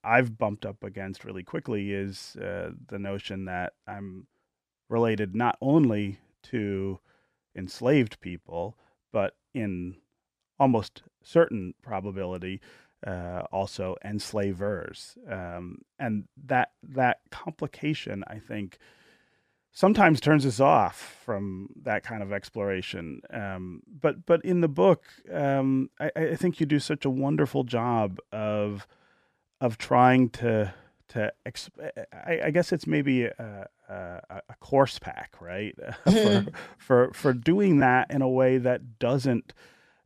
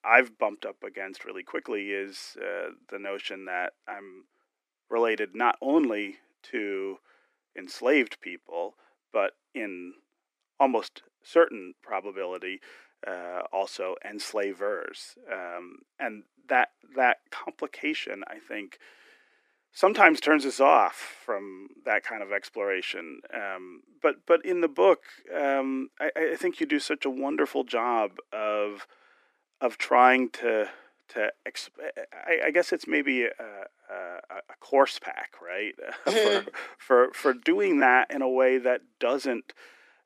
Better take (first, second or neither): first